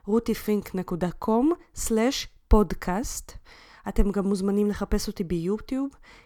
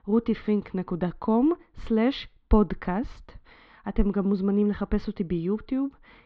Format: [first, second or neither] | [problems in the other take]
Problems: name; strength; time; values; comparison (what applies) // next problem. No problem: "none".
first | muffled; slightly; fading above 4 kHz